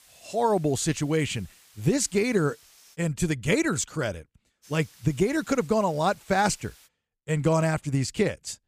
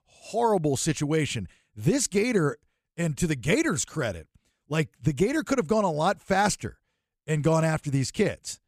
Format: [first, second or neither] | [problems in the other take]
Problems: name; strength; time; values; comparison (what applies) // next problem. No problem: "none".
second | hiss; faint; until 3 s and from 4.5 to 7 s; 25 dB below the speech